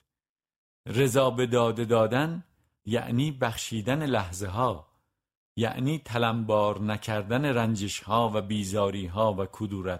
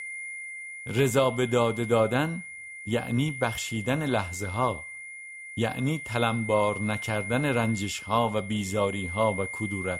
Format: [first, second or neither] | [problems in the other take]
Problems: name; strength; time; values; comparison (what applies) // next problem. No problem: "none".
first | high-pitched whine; loud; throughout; 2 kHz, 9 dB below the speech